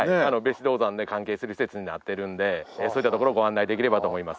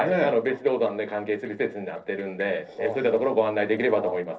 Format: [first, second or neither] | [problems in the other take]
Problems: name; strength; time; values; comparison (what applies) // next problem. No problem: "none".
first | noise reduction (neural separator model SepFormer DNS4)